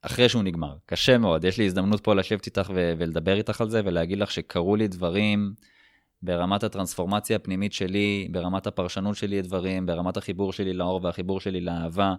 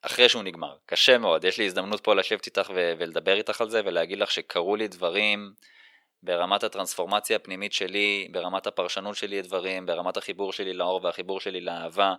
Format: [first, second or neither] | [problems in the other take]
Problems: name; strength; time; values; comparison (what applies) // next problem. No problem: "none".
first | thin; very; fading below 550 Hz